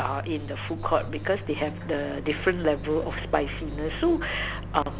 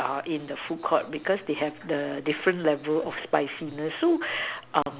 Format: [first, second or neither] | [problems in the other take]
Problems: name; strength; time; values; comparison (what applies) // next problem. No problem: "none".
second | background sound (Microwave oven); 7 dB below the speech